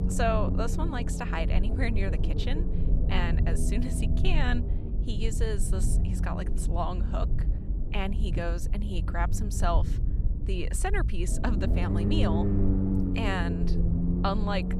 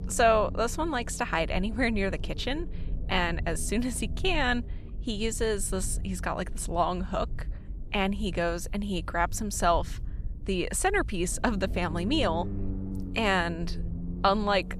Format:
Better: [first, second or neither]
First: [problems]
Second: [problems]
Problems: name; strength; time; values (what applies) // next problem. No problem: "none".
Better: second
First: low rumble; loud; throughout; 6 dB below the speech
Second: low rumble; faint; throughout; 20 dB below the speech